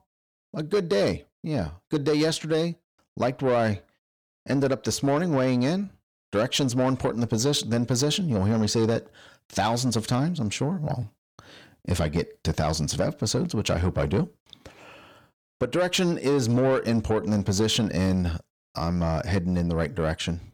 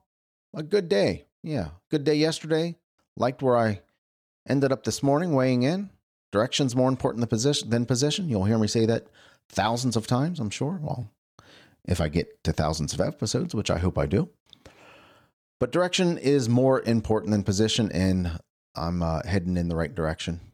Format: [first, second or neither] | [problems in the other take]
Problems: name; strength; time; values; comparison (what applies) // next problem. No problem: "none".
second | distortion; slight; 10 dB below the speech